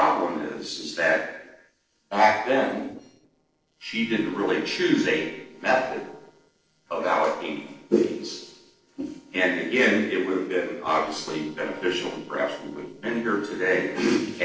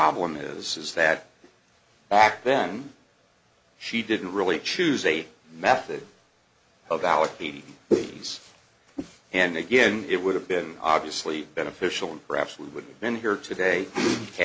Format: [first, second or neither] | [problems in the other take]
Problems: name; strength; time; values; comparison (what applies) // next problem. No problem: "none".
second | noise reduction (neural separator model SepFormer DNS4)